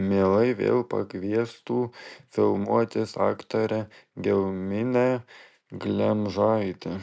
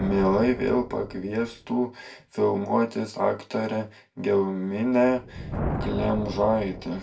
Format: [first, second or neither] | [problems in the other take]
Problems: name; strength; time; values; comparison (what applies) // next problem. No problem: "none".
first | background sound (Thunder); 11 dB below the speech // room echo; dies away in 0.2 s